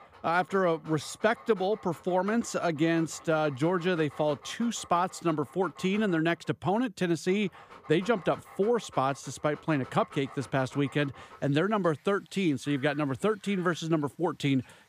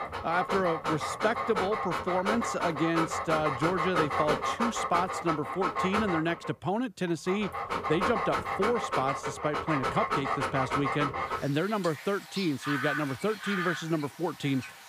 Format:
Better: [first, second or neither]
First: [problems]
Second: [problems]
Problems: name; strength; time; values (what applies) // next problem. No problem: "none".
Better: first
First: animal sounds; faint; throughout; 20 dB below the speech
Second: animal sounds; loud; throughout; 1 dB below the speech